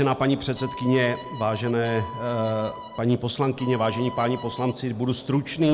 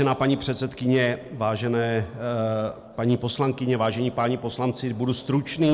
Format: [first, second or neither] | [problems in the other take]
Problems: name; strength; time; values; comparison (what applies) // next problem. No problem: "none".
second | background sound (Bowed string instrument); 13 dB below the speech